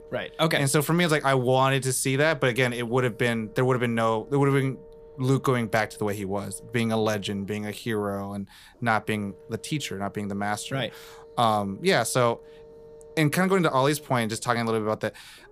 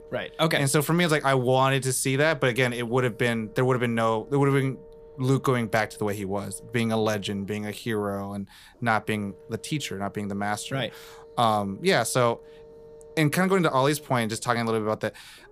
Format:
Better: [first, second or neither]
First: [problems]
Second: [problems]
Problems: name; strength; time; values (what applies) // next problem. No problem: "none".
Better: neither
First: low rumble; faint; throughout; 25 dB below the speech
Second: low rumble; faint; throughout; 25 dB below the speech